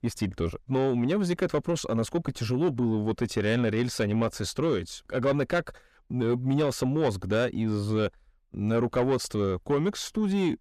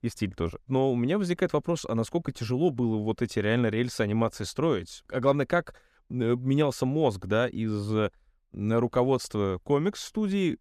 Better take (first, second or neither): second